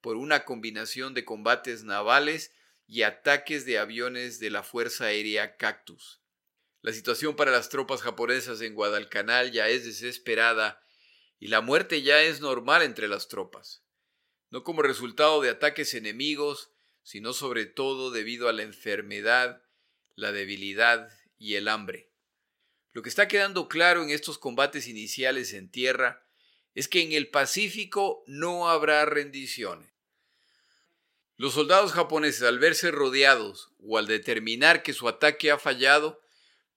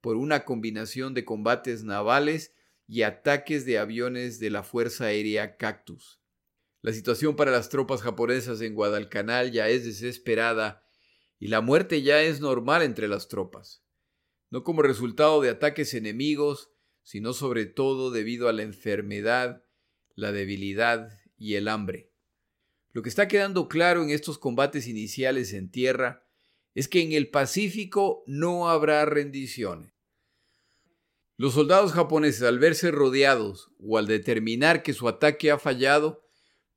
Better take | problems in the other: second | thin; somewhat; fading below 750 Hz

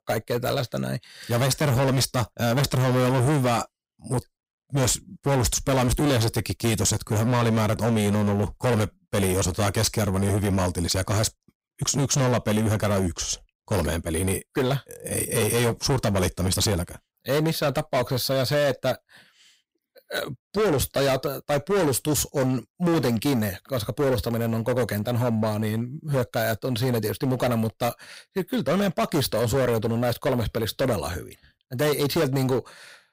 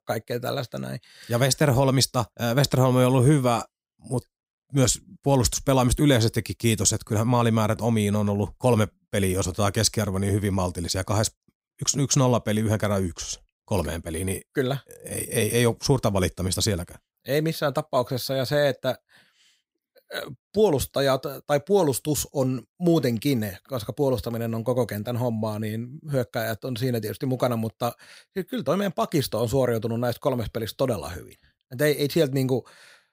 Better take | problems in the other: second | distortion; heavy; 19% of the sound clipped

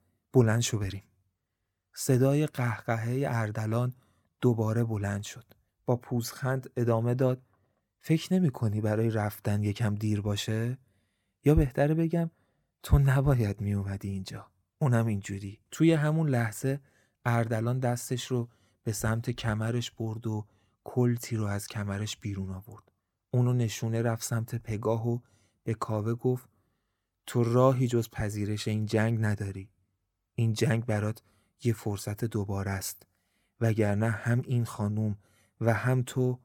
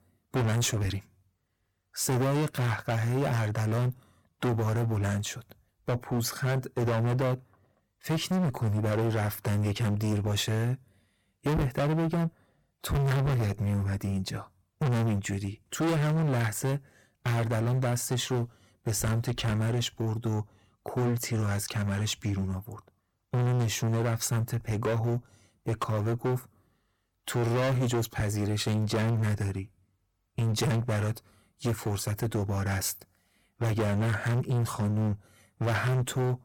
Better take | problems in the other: first | distortion; heavy; 23% of the sound clipped

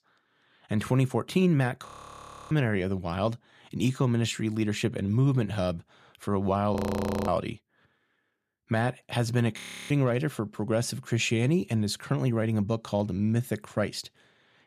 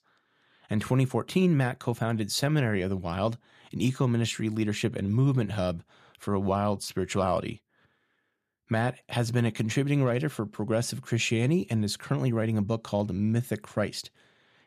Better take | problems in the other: second | audio freezing; at 2 s for 0.5 s, at 7 s for 0.5 s and at 9.5 s

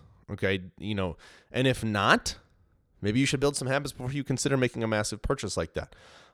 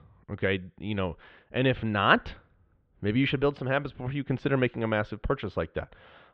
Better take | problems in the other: first | muffled; very; fading above 3 kHz

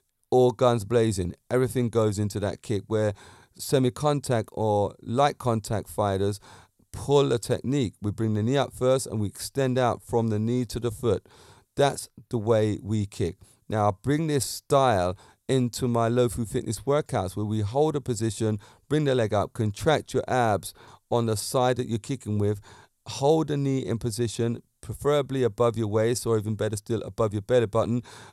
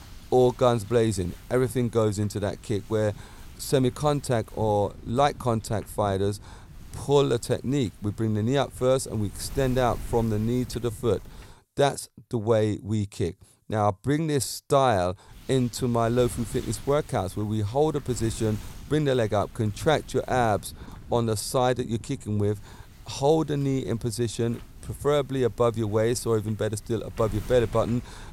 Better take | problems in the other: first | wind noise on the microphone; occasional gusts; until 12 s and from 15 s on; 25 dB below the speech

